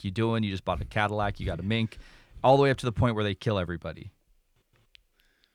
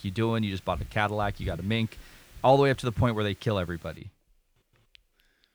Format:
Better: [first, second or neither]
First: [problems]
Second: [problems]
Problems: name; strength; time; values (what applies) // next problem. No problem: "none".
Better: first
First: none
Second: hiss; very faint; until 4 s; 25 dB below the speech